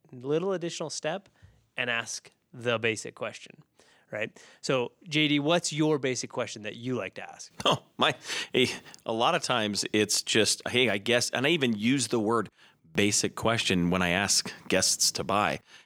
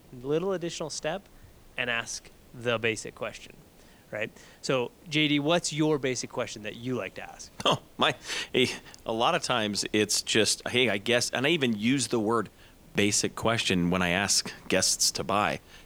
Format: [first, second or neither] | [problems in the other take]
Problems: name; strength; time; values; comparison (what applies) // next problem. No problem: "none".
first | hiss; faint; throughout; 30 dB below the speech